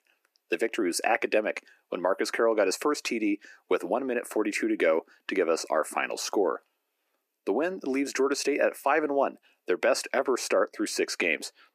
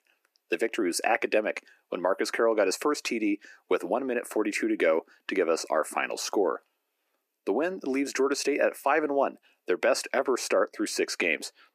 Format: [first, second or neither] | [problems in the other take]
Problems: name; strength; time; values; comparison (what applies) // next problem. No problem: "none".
neither | thin; somewhat; fading below 300 Hz; the same in both